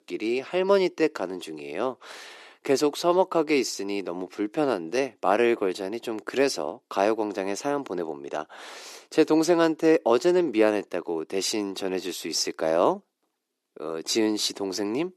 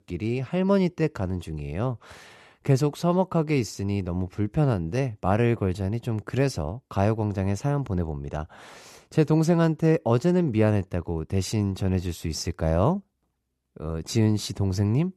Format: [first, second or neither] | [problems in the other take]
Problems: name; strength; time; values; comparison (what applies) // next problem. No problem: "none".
second | thin; somewhat; fading below 300 Hz